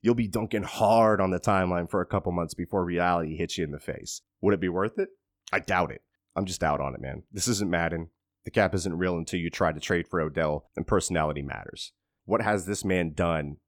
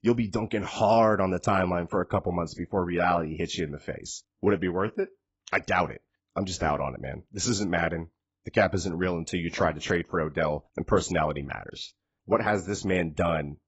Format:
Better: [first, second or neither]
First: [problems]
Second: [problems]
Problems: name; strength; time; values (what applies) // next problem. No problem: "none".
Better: first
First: none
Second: garbled, watery; badly; nothing above 7.5 kHz